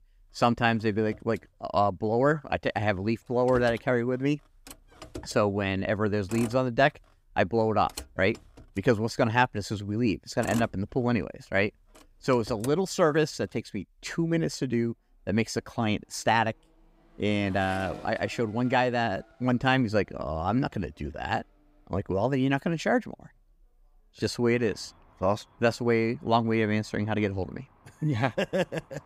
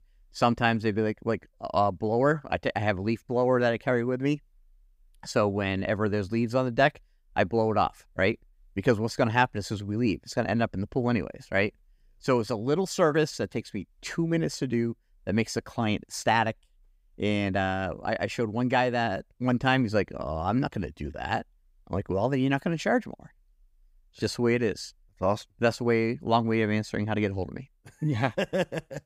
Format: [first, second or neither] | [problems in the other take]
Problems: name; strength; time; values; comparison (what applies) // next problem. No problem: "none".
second | traffic noise; noticeable; throughout; 20 dB below the speech